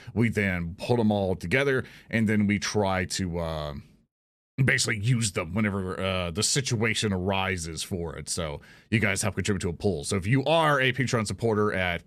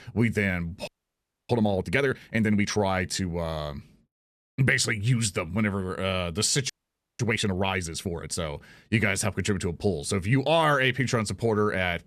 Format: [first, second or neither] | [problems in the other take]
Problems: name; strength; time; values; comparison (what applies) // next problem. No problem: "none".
first | audio freezing; at 1 s for 0.5 s and at 6.5 s